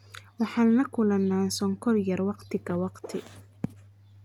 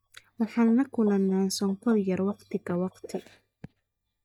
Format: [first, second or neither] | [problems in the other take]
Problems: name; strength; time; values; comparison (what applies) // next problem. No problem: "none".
first | noise reduction (neural mask model DeepFilterNet 3)